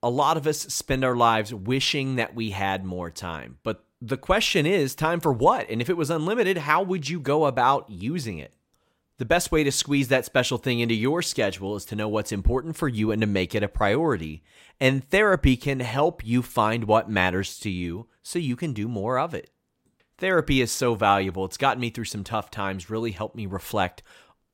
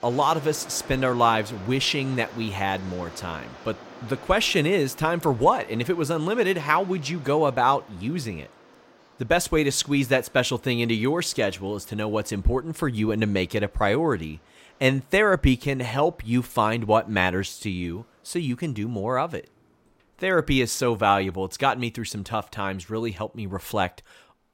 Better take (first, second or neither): first